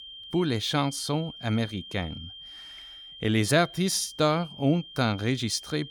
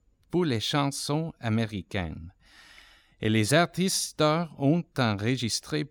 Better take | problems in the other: second | high-pitched whine; noticeable; throughout; 3 kHz, 15 dB below the speech

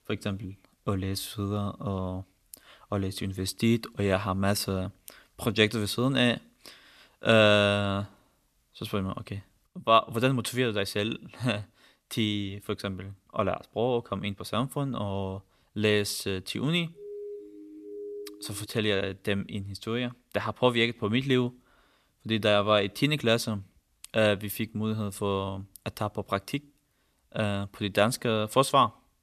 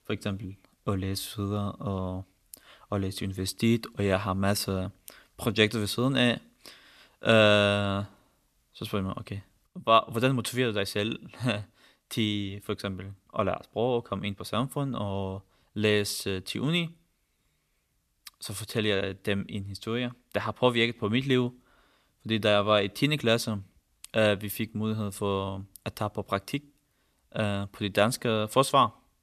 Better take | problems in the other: second | siren; faint; from 17 to 19 s; peak 10 dB below the speech

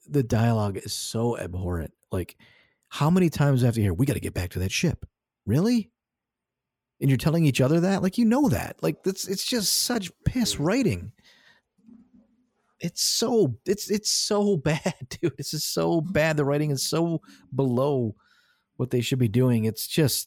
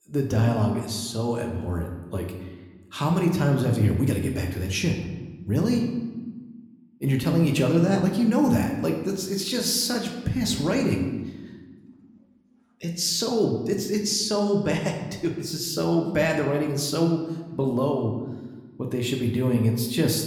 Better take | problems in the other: first | room echo; slight; dies away in 1 s

